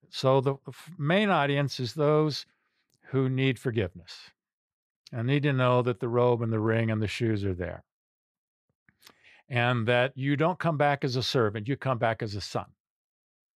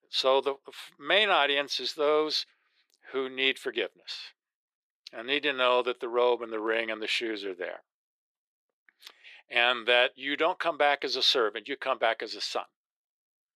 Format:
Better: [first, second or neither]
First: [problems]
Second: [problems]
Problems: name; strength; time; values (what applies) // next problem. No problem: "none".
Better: first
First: none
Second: thin; very; fading below 350 Hz